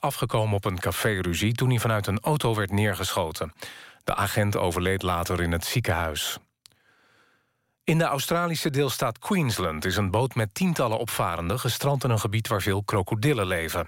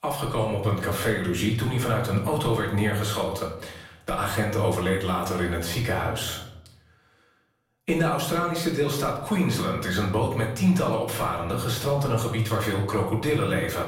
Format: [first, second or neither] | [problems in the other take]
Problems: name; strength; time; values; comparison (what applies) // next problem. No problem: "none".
first | off-mic speech; far // room echo; noticeable; dies away in 0.7 s